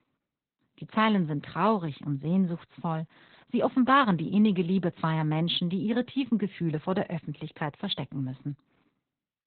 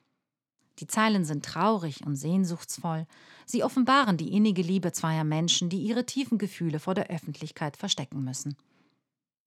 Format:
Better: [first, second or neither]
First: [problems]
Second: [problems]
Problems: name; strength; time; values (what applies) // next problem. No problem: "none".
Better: second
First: garbled, watery; badly; nothing above 4 kHz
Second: none